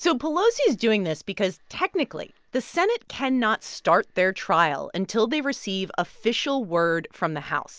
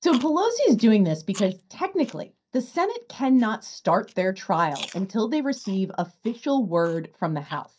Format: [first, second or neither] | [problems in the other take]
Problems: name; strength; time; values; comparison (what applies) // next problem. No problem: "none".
first | noise reduction (neural mask model DeepFilterNet 3)